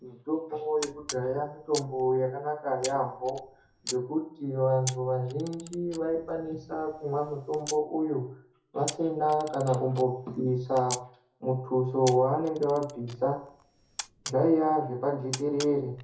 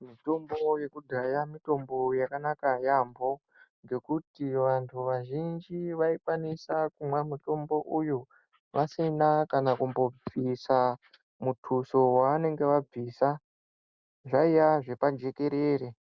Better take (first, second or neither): second